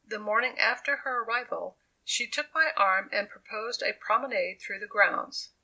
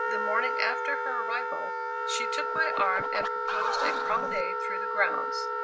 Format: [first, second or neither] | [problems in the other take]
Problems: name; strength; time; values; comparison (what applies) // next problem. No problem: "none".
first | background sound (Scratching (performance technique) + Wind instrument, woodwind instrument); 3 dB above the speech